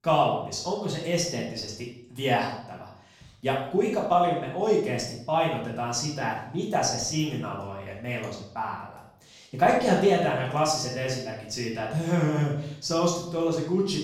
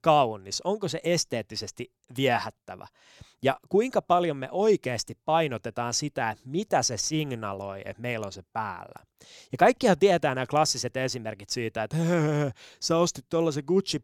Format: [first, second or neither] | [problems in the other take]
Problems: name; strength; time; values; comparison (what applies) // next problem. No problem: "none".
second | room echo; noticeable; dies away in 0.6 s // off-mic speech; far